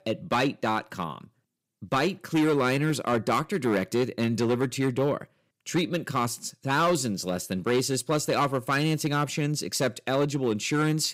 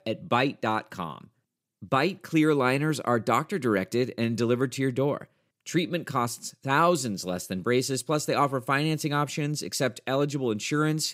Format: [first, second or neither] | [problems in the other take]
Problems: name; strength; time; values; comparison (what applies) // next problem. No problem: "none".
second | distortion; slight; 6% of the sound clipped